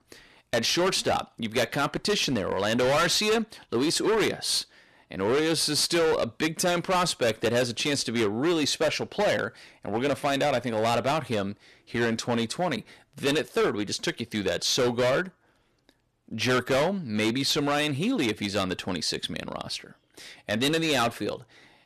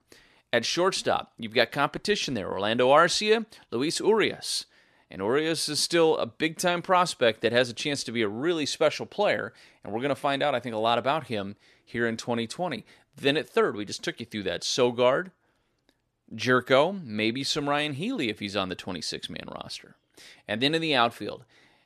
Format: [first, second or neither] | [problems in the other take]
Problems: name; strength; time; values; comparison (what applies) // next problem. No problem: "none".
second | distortion; heavy; 13% of the sound clipped